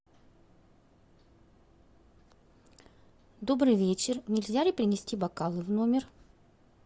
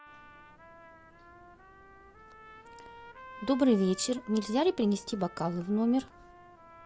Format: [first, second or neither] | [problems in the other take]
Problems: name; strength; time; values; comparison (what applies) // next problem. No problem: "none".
first | background sound (Trumpet); 19 dB below the speech